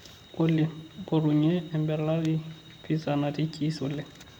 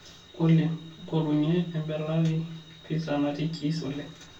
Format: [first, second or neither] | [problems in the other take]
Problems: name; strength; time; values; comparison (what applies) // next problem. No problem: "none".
first | room echo; dies away in 0.2 s